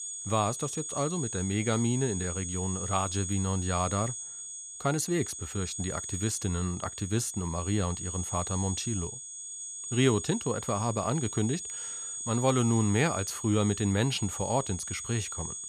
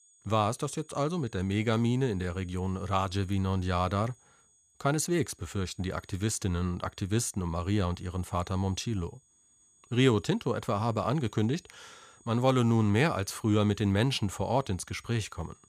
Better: second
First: high-pitched whine; loud; throughout; 6.5 kHz, 6 dB below the speech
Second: high-pitched whine; faint; throughout; 6.5 kHz, 30 dB below the speech

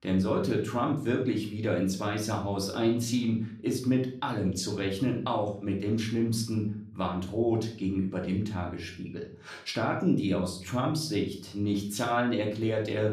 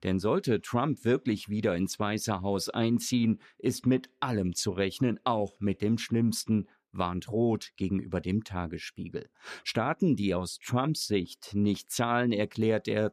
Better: second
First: room echo; slight; dies away in 0.4 s // off-mic speech; somewhat distant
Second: none

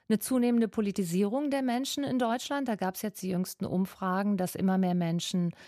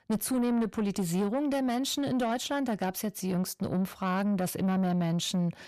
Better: first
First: none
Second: distortion; slight; 10 dB below the speech

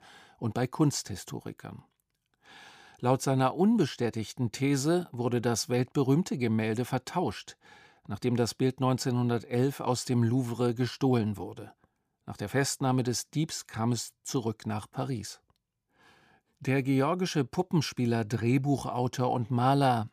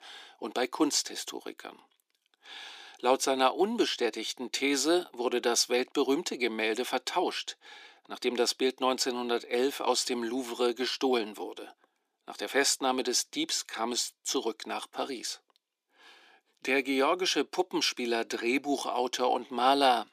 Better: first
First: none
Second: thin; somewhat; fading below 300 Hz

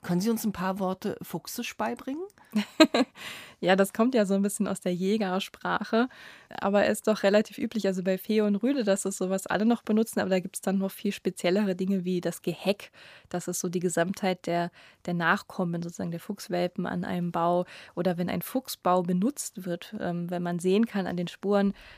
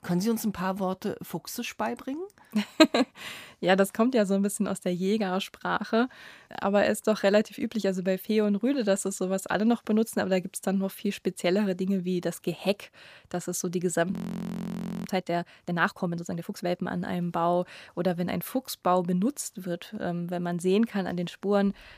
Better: first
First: none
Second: audio freezing; at 14 s for 1 s

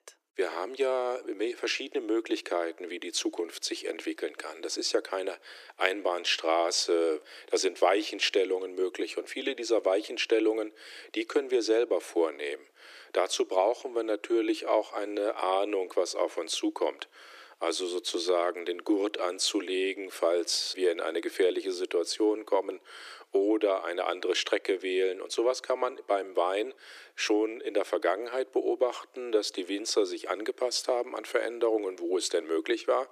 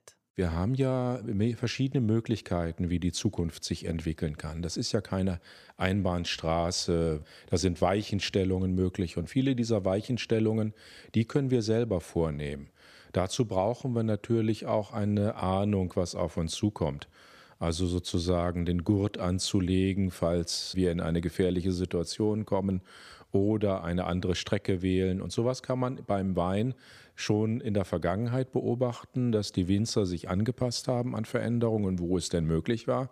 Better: second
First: thin; very; fading below 300 Hz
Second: none

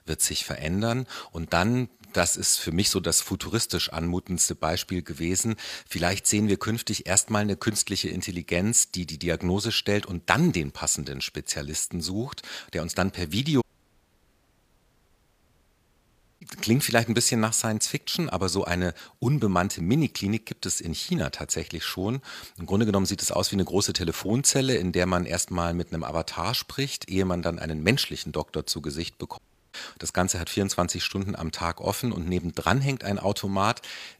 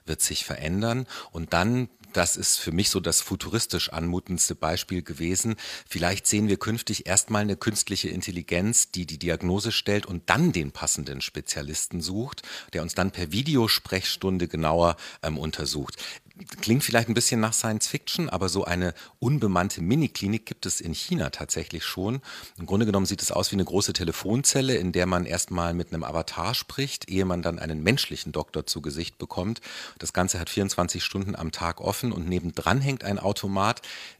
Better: second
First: audio cutting out; at 14 s for 3 s and at 29 s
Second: none

